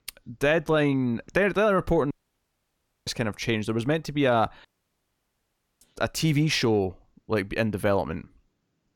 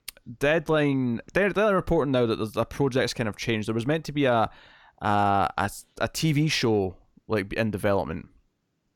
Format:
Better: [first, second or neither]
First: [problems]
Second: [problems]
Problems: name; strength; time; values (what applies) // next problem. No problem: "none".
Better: second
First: audio cutting out; at 2 s for 1 s and at 4.5 s for 1 s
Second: none